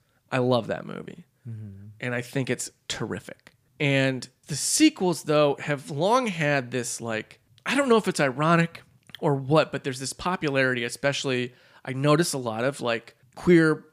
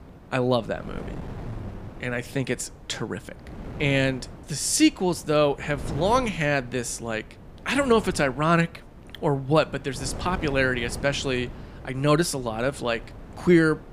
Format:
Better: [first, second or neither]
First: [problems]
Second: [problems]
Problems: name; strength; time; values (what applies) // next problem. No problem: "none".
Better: first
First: none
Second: wind noise on the microphone; occasional gusts; 20 dB below the speech